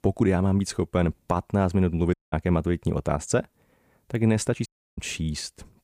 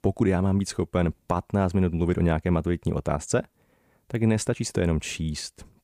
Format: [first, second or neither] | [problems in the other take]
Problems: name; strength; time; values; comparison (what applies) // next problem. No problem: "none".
second | audio cutting out; at 2 s and at 4.5 s